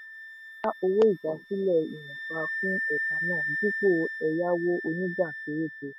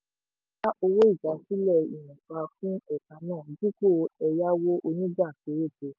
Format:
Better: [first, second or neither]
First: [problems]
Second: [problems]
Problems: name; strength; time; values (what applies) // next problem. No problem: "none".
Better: second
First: background sound (Wind instrument, woodwind instrument); 6 dB below the speech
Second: none